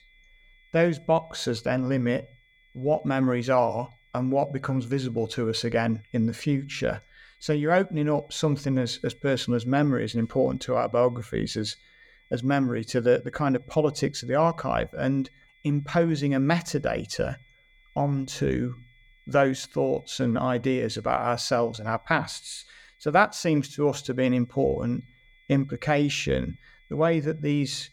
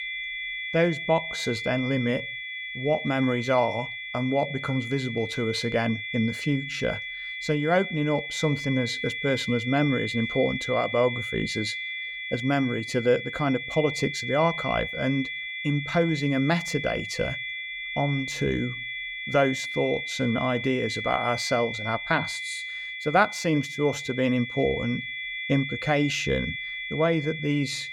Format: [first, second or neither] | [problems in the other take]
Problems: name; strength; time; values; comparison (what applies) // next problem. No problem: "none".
first | high-pitched whine; loud; throughout; 2 kHz, 5 dB below the speech; faint in the first